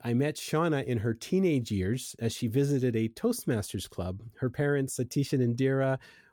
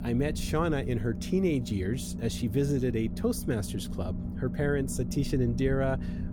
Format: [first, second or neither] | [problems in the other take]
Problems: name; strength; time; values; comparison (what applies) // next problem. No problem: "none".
first | low rumble; noticeable; throughout; 10 dB below the speech